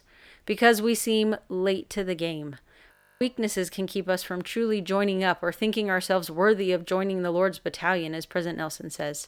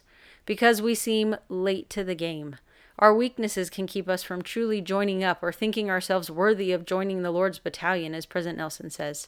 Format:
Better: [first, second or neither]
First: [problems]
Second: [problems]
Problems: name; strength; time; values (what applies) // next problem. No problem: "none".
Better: second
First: audio freezing; at 3 s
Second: none